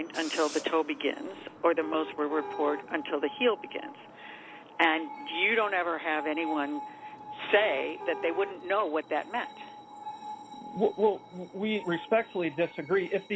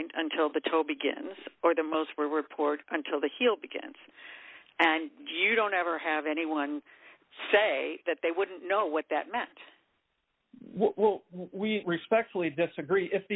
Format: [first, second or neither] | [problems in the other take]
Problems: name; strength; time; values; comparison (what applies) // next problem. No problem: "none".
second | background sound (Car + Screech); 12 dB below the speech